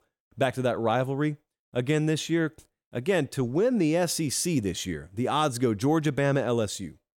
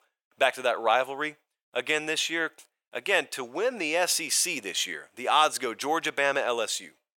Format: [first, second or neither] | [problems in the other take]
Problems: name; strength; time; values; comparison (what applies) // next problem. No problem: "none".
first | thin; very; fading below 800 Hz